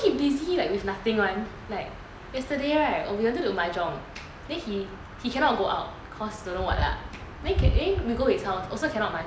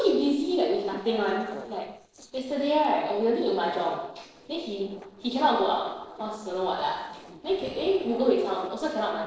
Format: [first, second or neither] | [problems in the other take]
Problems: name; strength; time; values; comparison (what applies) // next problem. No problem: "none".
first | noise reduction (neural separator model SepFormer DNS4)